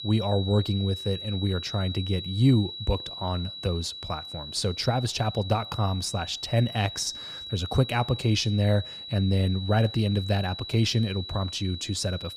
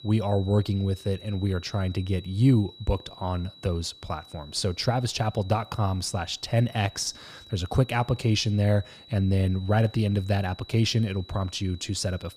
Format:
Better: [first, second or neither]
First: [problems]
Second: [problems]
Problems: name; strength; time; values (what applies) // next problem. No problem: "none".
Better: second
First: high-pitched whine; loud; throughout; 4 kHz, 9 dB below the speech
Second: high-pitched whine; faint; throughout; 4 kHz, 20 dB below the speech